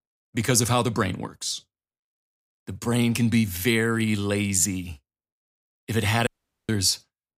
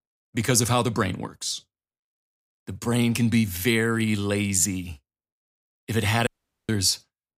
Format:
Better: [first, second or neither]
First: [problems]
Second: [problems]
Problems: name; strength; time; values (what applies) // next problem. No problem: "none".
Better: neither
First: audio cutting out; at 6.5 s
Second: audio cutting out; at 6.5 s